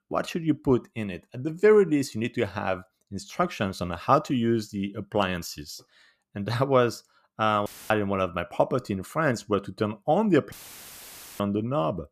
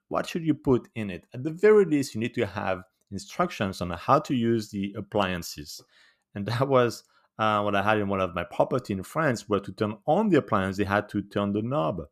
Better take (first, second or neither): second